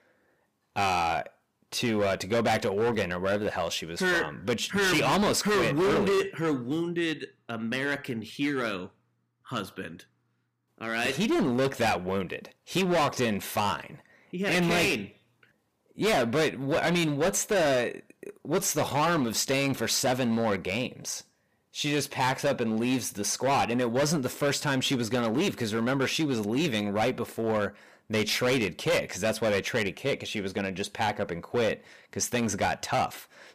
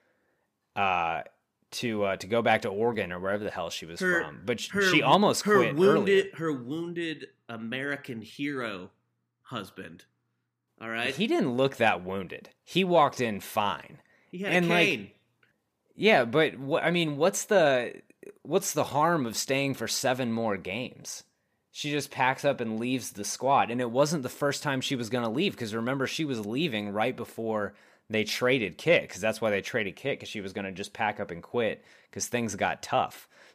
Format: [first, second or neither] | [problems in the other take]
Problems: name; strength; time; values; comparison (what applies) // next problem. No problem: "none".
second | distortion; heavy; 13% of the sound clipped